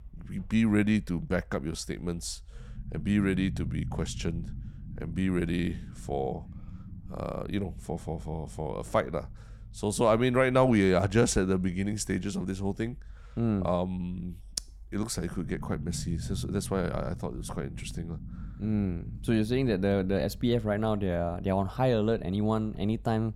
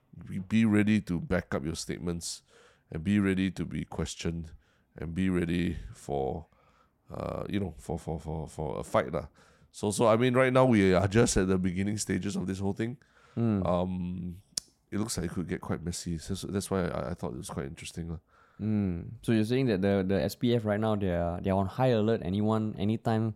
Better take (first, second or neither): second